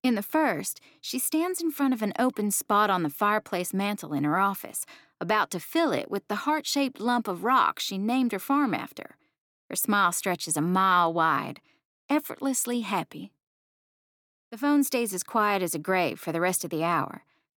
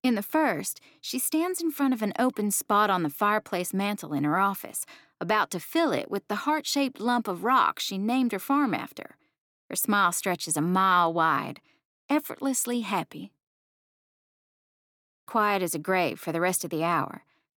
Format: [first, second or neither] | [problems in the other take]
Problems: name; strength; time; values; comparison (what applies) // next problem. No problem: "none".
first | audio cutting out; at 14 s for 1 s